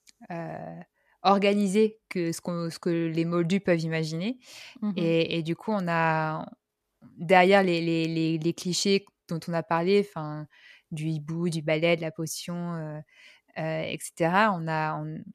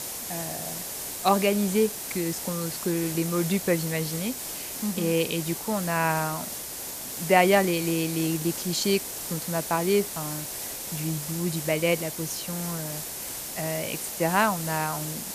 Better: first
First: none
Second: hiss; loud; throughout; 5 dB below the speech

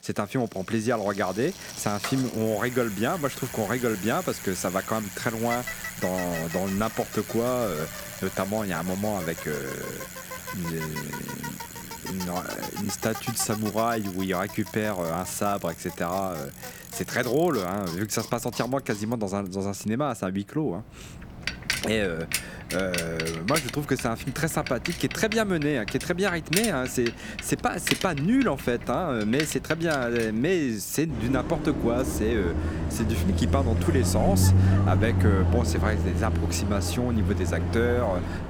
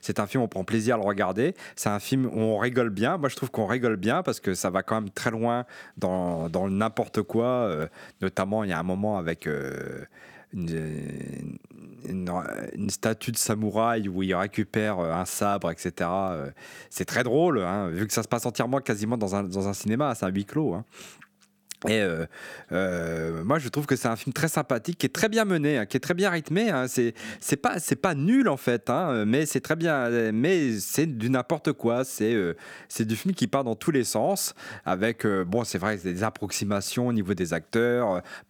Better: second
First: traffic noise; loud; throughout; 3 dB below the speech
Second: none

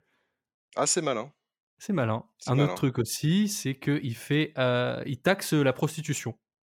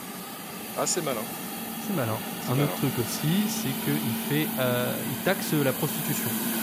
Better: first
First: none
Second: hiss; loud; throughout; 2 dB below the speech

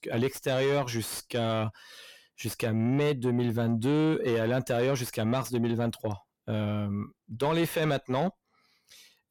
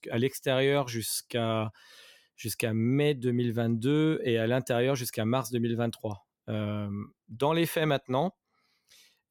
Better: second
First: distortion; slight; 10 dB below the speech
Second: none

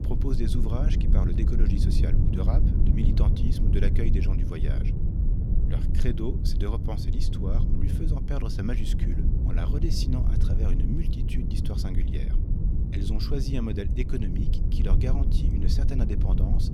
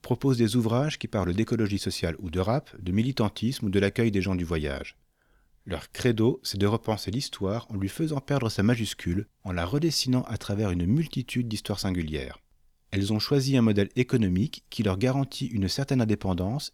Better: second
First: low rumble; loud; throughout; 2 dB below the speech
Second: none

